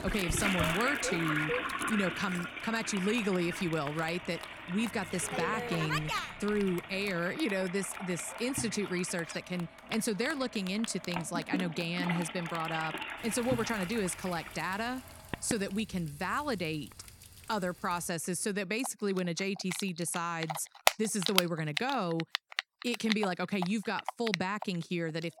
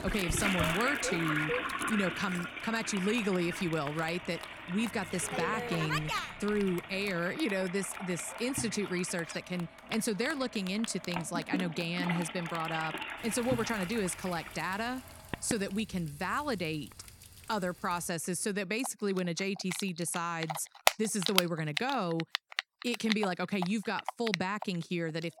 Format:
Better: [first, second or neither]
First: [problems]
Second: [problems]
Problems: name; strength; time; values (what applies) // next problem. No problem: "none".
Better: neither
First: household noises; loud; throughout; 3 dB below the speech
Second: household noises; loud; throughout; 3 dB below the speech